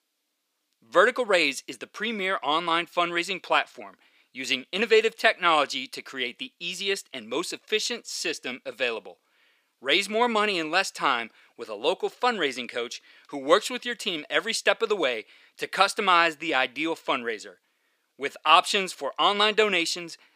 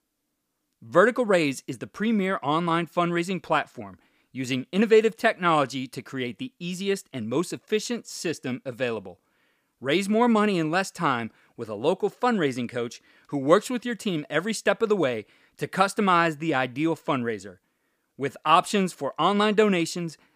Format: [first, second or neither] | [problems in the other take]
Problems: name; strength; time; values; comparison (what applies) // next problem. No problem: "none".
second | thin; somewhat; fading below 400 Hz